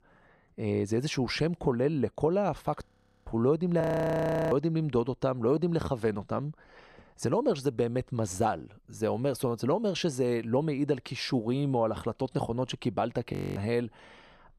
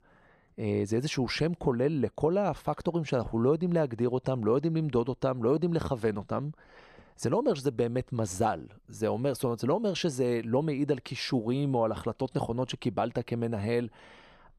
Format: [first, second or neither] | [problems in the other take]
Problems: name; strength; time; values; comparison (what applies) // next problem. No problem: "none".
second | audio freezing; at 3 s, at 4 s for 0.5 s and at 13 s